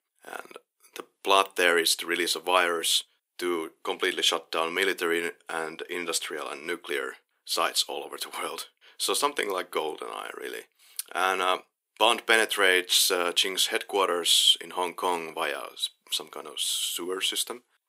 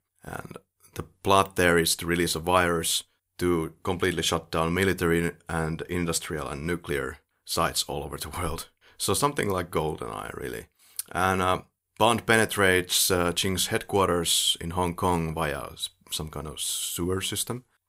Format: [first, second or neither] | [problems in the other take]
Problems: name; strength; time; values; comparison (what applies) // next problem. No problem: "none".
second | thin; somewhat; fading below 300 Hz